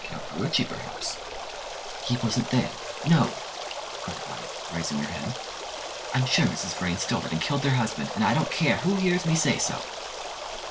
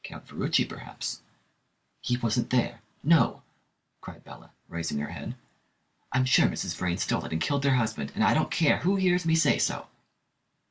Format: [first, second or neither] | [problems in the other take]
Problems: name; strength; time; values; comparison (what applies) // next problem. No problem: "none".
second | background sound (Stream); 7 dB below the speech